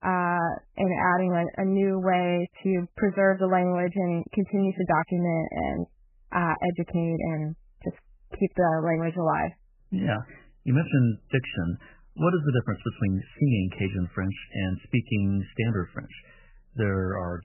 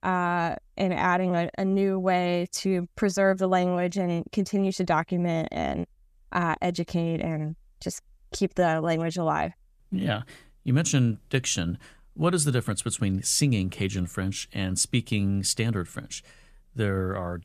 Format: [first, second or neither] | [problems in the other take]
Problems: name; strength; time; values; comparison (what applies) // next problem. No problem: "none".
second | garbled, watery; badly; nothing above 3 kHz